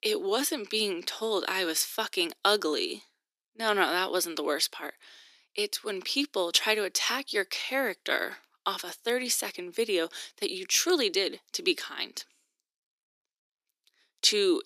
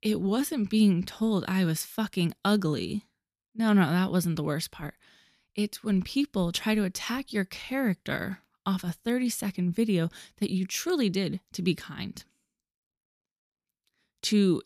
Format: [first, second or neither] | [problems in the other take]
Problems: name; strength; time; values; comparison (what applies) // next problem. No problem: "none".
second | thin; very; fading below 350 Hz